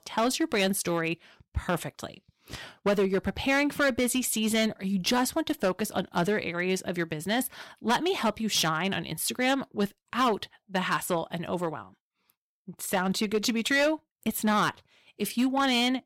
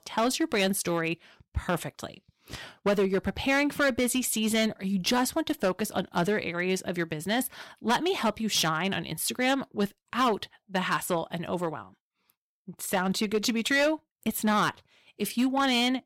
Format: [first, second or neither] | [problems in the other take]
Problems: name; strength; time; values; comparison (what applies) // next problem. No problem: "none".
neither | distortion; slight; 5% of the sound clipped; the same in both